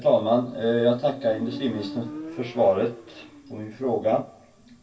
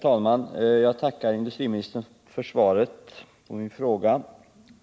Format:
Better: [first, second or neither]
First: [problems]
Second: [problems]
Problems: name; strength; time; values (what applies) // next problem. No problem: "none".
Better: second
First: background sound (Motorcycle); 16 dB below the speech // room echo; dies away in 0.1 s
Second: none